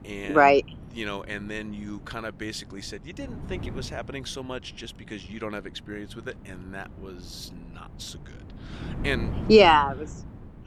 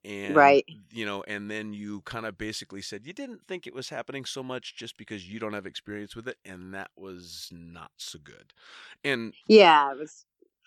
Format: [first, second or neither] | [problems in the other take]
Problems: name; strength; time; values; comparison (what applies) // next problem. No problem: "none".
second | wind noise on the microphone; occasional gusts; 25 dB below the speech